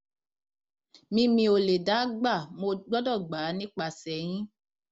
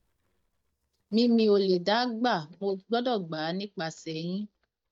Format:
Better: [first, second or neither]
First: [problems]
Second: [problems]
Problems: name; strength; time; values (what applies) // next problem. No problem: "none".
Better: first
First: none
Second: noise reduction (neural mask model DeepFilterNet 3)